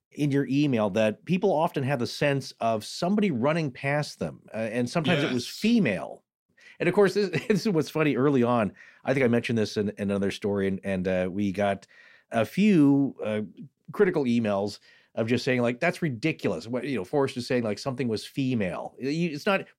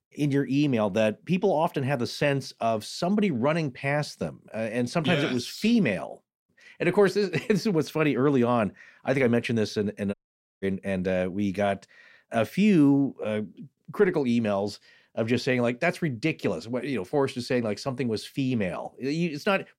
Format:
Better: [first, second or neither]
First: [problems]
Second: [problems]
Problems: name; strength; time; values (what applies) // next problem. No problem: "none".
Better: first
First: none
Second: audio cutting out; at 10 s